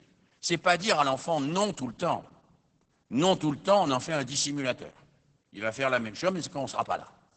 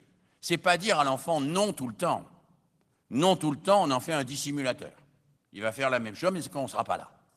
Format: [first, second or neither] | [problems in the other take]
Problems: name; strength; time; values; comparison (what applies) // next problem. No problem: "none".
second | garbled, watery; badly; nothing above 8 kHz; slightly in the second